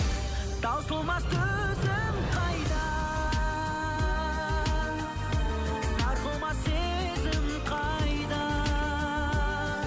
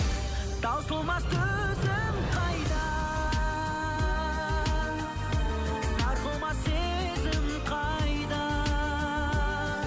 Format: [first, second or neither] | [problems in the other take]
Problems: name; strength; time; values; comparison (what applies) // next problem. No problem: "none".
second | background sound (Gurgling / Liquid); 16 dB below the speech